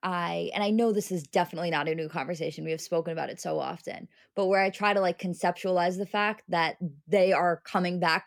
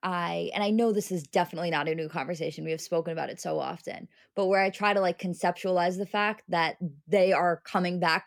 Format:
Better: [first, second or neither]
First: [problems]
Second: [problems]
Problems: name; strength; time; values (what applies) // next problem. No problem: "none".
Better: neither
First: none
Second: none